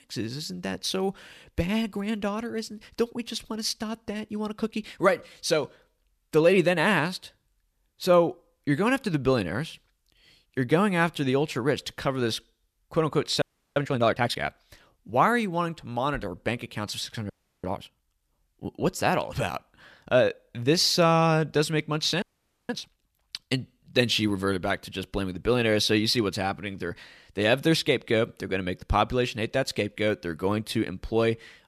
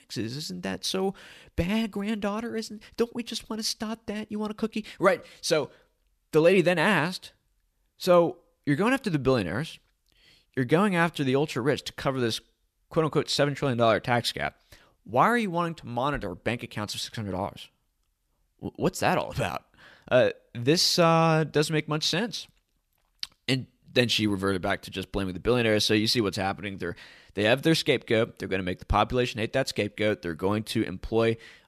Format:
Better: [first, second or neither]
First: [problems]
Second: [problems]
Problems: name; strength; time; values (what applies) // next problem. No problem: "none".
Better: second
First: audio freezing; at 13 s, at 17 s and at 22 s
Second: none